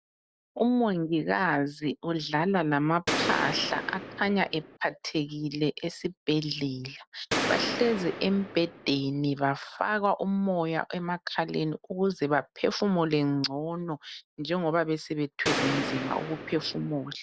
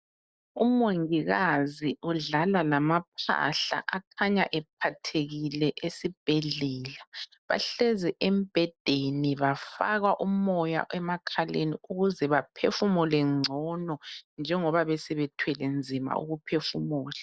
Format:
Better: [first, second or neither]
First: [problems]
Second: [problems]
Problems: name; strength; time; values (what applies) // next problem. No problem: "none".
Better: second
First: background sound (Gunshot, gunfire); 4 dB below the speech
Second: none